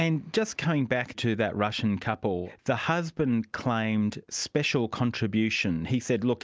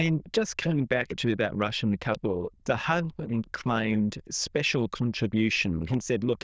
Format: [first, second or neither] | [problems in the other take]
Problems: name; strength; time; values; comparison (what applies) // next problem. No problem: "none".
first | noise reduction (neural diffusion model UNIVERSE++)